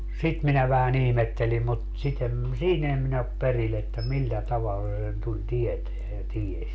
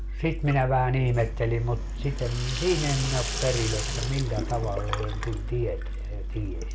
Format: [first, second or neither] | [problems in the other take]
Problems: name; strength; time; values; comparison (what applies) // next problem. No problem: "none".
first | background sound (Sink (filling or washing)); 10 dB below the speech